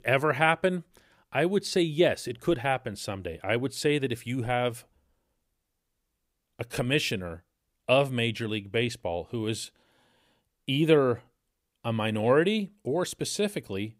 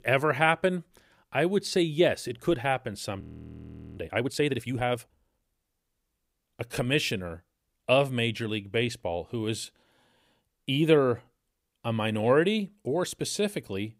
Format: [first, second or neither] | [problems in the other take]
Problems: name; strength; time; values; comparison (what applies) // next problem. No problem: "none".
first | audio freezing; at 3 s for 1 s